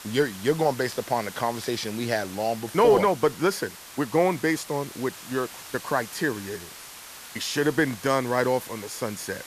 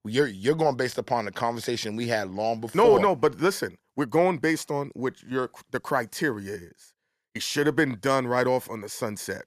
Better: second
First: hiss; noticeable; throughout; 15 dB below the speech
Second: none

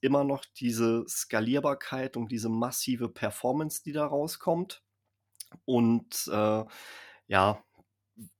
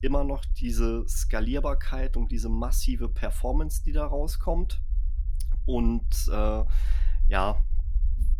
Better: first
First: none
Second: low rumble; faint; throughout; 20 dB below the speech

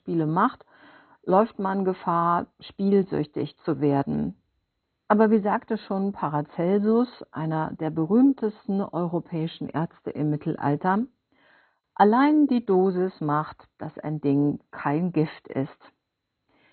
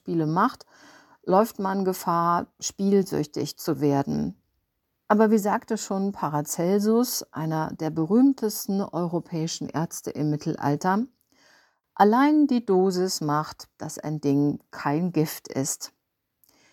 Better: second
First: garbled, watery; badly; nothing above 4 kHz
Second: none

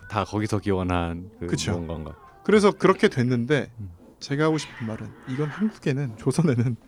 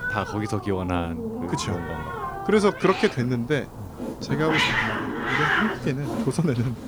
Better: first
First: hiss; faint; throughout; 20 dB below the speech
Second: hiss; loud; throughout; 2 dB below the speech

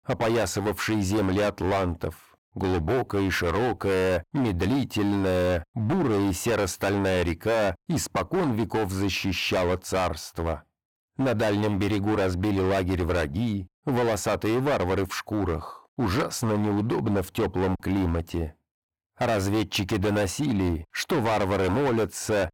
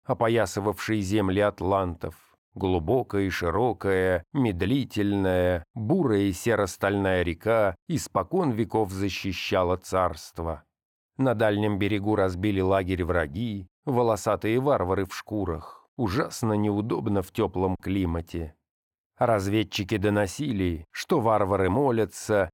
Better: second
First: distortion; heavy; 21% of the sound clipped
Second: none

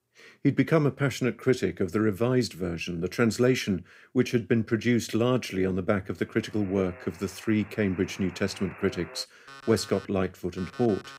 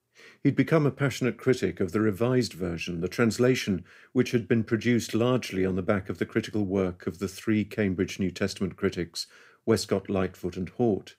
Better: second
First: alarms or sirens; noticeable; from 6.5 s on; 20 dB below the speech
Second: none

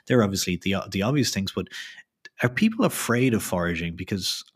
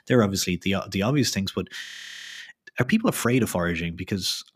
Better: first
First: none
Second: audio freezing; at 2 s for 0.5 s

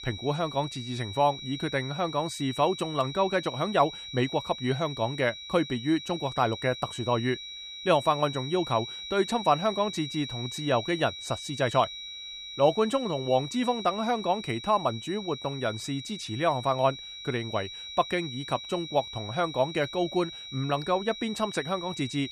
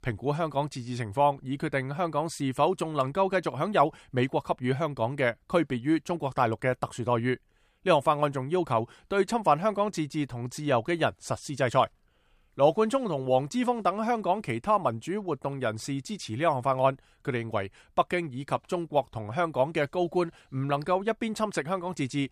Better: second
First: high-pitched whine; loud; throughout; 4 kHz, 9 dB below the speech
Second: none

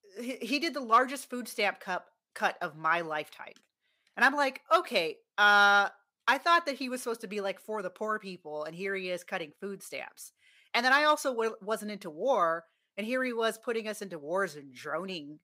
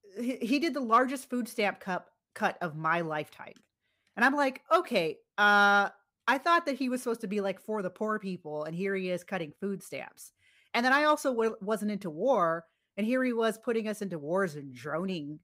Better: second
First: thin; very slightly; fading below 550 Hz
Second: none

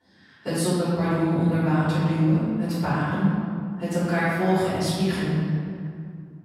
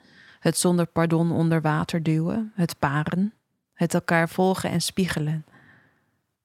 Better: second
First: off-mic speech; far // room echo; strong; dies away in 2.2 s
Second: none

